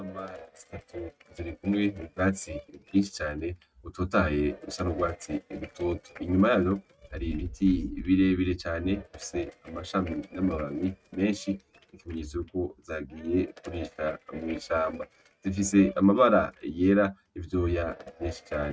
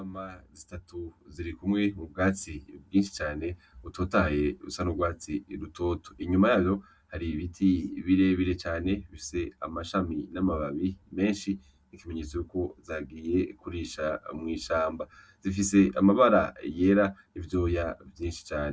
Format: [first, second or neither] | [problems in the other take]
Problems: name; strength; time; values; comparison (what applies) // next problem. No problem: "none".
second | noise reduction (neural mask model RNNoise)